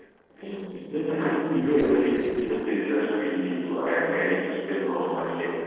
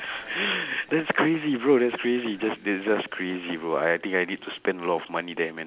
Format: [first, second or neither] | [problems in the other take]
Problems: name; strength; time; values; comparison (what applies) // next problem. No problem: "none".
second | noise reduction (neural separator model SepFormer DNS4)